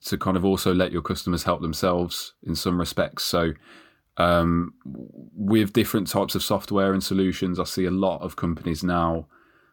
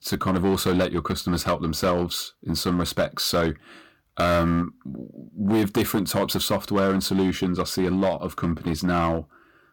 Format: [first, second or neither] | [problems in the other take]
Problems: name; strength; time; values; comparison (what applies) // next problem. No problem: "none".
first | distortion; slight; 7% of the sound clipped